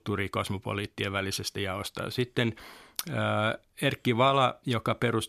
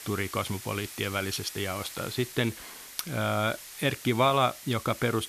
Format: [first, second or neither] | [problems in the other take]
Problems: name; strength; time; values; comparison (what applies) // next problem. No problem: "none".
first | hiss; noticeable; throughout; 10 dB below the speech